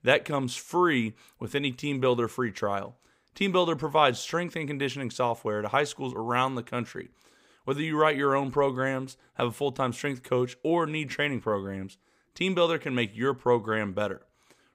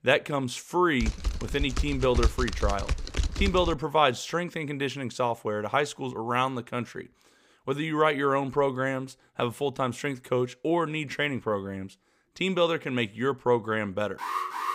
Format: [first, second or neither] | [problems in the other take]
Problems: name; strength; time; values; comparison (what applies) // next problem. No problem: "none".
first | keyboard typing; noticeable; from 1 to 3.5 s; peak 1 dB below the speech // alarm; noticeable; at 14 s; peak 2 dB below the speech